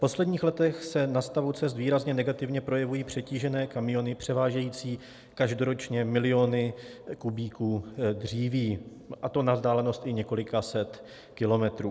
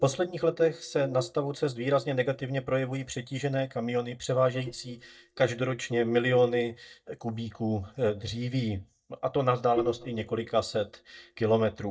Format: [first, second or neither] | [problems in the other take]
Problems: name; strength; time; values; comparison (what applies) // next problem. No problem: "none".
first | noise reduction (neural mask model DeepFilterNet 3)